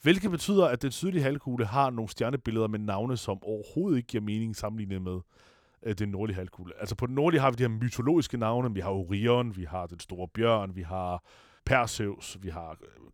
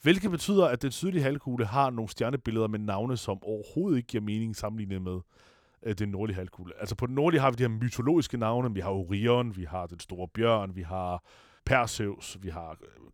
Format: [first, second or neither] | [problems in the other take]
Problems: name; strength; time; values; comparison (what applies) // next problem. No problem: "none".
neither | none